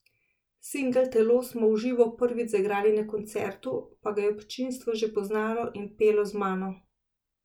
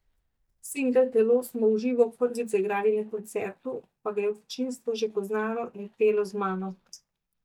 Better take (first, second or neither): first